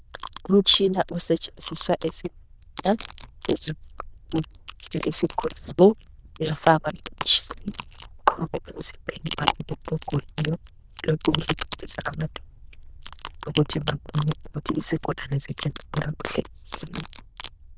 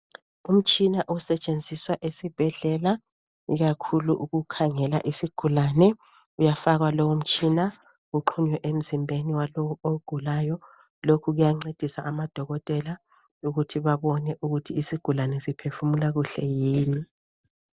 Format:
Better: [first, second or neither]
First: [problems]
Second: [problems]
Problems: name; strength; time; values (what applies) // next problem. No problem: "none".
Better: second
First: noise reduction (neural diffusion model UNIVERSE++)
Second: none